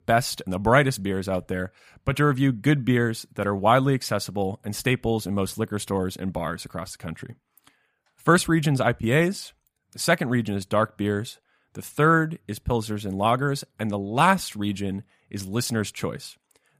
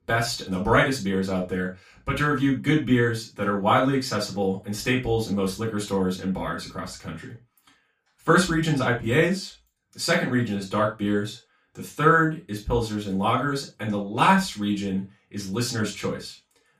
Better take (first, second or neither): first